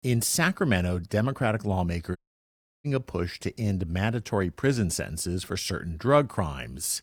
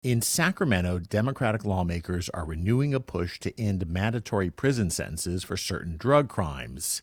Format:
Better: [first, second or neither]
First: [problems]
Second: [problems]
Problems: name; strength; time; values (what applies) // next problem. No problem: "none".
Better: second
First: audio cutting out; at 2 s for 0.5 s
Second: none